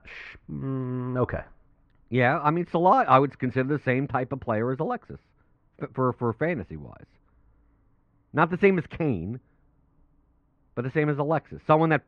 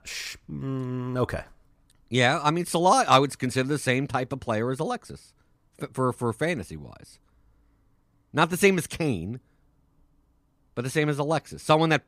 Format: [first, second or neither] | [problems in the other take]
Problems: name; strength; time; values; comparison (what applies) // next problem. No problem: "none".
second | muffled; very; fading above 2 kHz